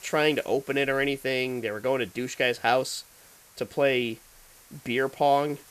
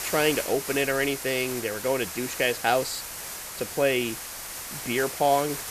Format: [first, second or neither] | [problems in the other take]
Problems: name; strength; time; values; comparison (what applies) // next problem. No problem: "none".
first | hiss; loud; throughout; 7 dB below the speech; faint in the first